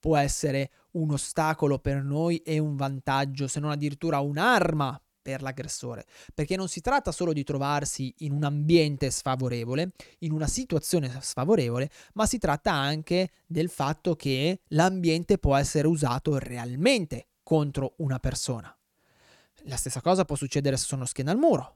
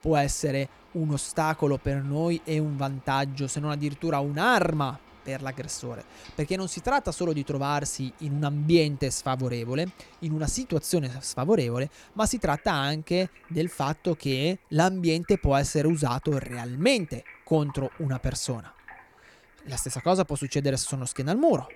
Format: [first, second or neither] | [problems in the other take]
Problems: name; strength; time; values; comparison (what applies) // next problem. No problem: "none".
first | rain or running water; faint; throughout; 25 dB below the speech